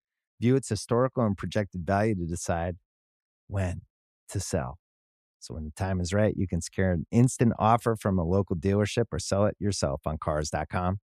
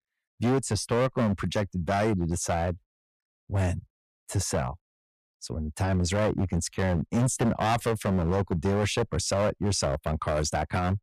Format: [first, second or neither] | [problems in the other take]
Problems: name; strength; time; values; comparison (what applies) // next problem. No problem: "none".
first | distortion; heavy; 11% of the sound clipped